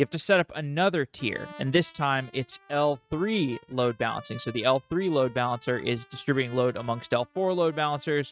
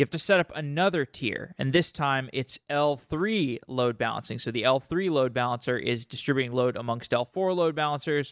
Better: second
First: noise reduction (neural mask model RNNoise)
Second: none

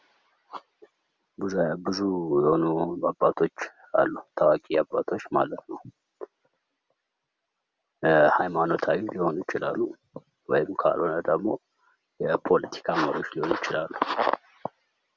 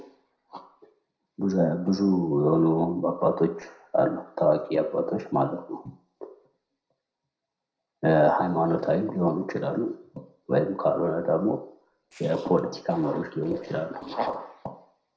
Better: first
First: none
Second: noise reduction (neural separator model SepFormer DNS4)

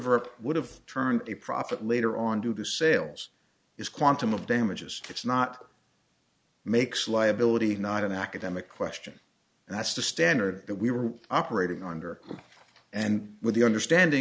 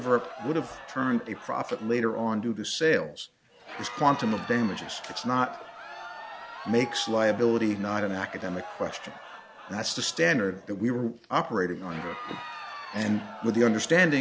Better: first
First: none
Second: background sound (Crowd); 14 dB below the speech

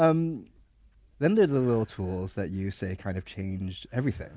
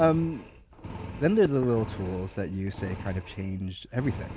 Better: first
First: none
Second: background sound (Knock / Wood + Engine); 12 dB below the speech

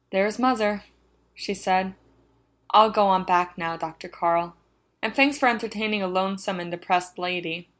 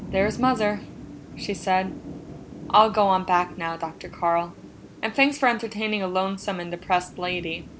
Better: first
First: none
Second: background sound (Thunder / Rain); 14 dB below the speech

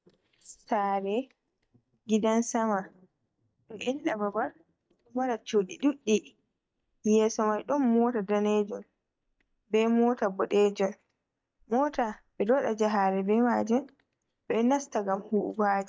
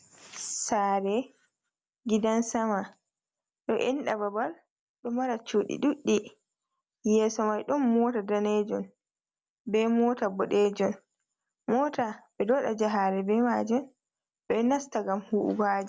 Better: second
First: noise reduction (neural mask model DeepFilterNet 3)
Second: none

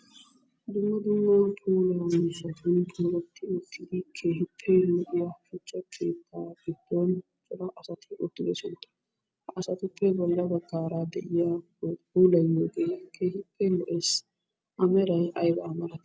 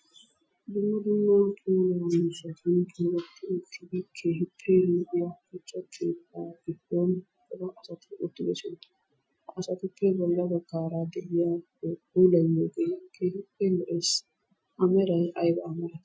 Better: first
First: none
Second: noise reduction (classical method Wiener filter)

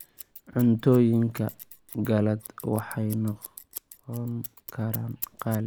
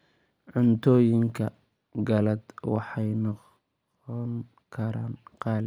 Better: second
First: background sound (Scissors); 17 dB below the speech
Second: none

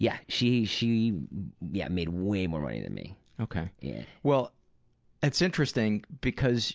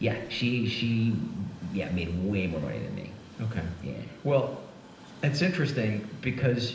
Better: first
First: none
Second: background sound (Train); 18 dB below the speech // room echo; dies away in 0.9 s

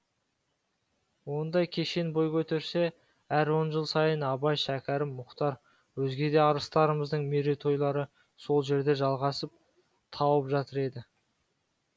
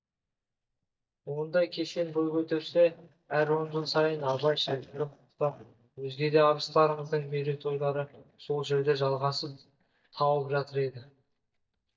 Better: first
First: none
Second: noise reduction (neural mask model DeepFilterNet 3)

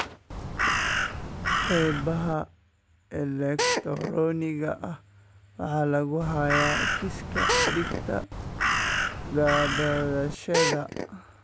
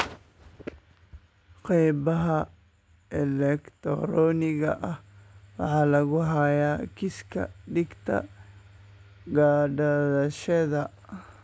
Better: second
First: background sound (Crow + Drill); 1 dB above the speech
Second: none

